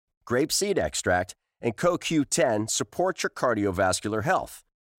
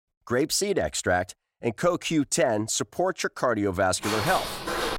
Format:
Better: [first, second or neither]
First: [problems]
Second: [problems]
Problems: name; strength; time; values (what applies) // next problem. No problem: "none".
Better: first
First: none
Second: footsteps; noticeable; at 4 s; peak 3 dB below the speech